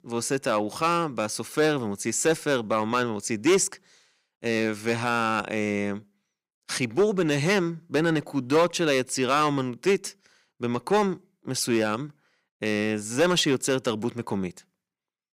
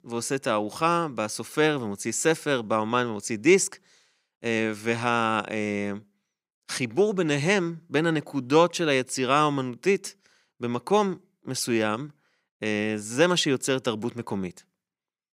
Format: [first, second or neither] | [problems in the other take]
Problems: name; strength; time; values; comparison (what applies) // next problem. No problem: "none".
second | distortion; slight; 3% of the sound clipped